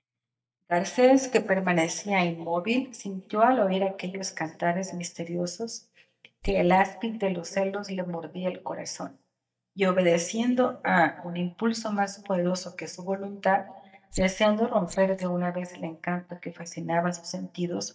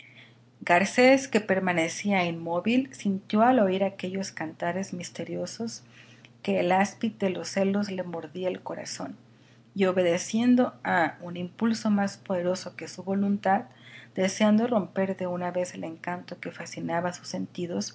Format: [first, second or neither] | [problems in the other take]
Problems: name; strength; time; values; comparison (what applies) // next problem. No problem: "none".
second | noise reduction (neural mask model DeepFilterNet 3)